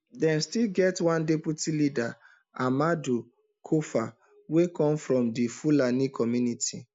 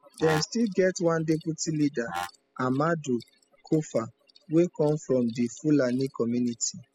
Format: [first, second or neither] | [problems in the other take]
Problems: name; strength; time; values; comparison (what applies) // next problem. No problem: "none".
first | noise reduction (classical method spectral subtraction)